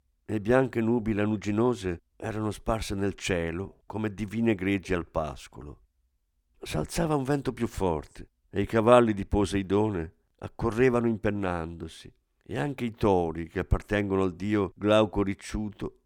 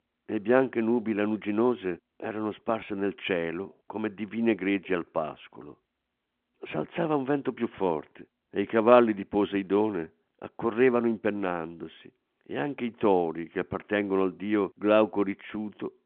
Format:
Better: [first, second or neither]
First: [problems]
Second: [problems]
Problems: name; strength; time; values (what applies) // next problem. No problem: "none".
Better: first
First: none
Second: phone-call audio